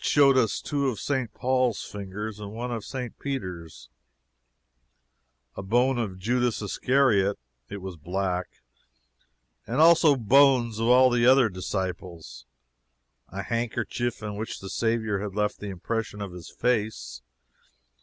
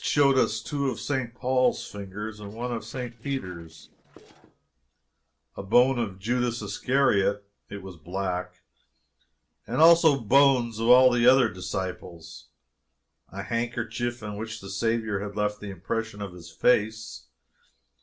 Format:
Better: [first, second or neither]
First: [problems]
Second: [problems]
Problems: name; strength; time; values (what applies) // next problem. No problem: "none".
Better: first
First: none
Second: noise reduction (neural separator model SepFormer DNS4)